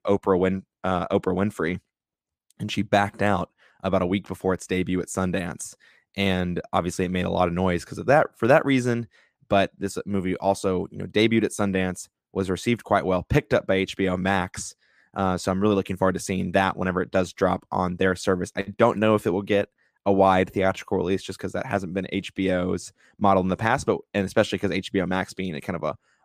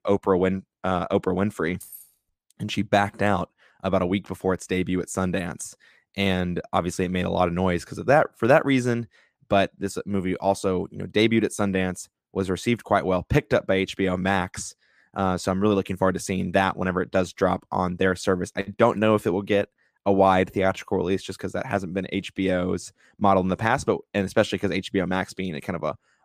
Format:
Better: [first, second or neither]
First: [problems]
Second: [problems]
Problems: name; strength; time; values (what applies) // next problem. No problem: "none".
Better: first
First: none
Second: jangling keys; faint; at 2 s; peak 15 dB below the speech